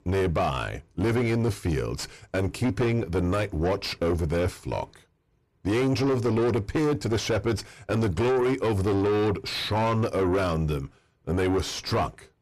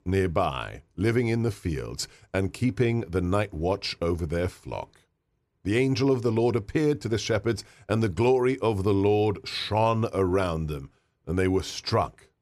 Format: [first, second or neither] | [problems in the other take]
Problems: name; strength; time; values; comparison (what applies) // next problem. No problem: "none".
second | distortion; heavy; 6 dB below the speech